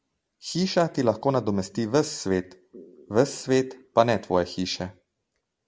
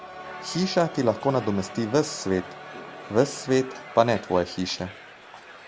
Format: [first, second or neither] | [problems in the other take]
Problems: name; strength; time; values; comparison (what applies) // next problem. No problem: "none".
first | background sound (Crowd); 15 dB below the speech